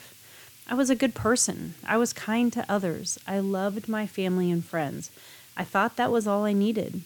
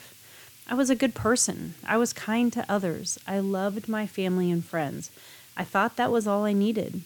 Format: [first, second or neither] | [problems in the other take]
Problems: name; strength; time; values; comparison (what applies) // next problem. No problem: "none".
neither | hiss; faint; throughout; 20 dB below the speech; the same in both